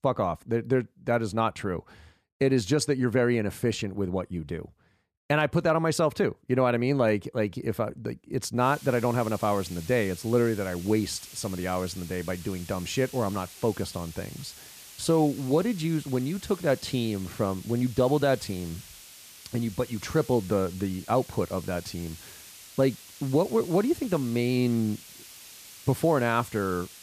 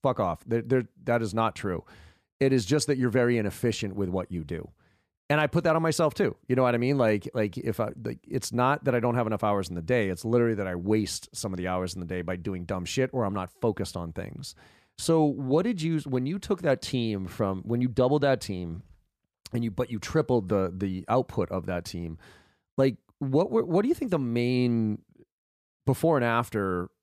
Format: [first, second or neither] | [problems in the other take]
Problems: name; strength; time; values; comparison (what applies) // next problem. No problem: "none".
second | hiss; noticeable; from 8.5 s on; 15 dB below the speech